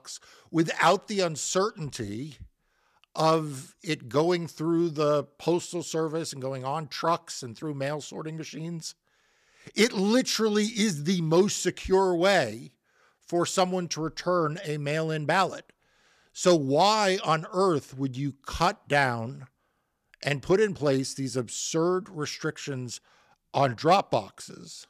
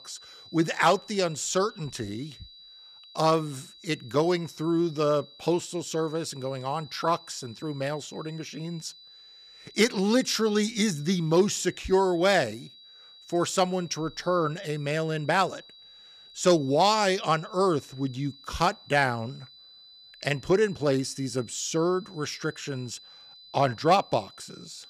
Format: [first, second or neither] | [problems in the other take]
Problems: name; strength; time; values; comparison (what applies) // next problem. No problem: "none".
first | high-pitched whine; faint; throughout; 4 kHz, 20 dB below the speech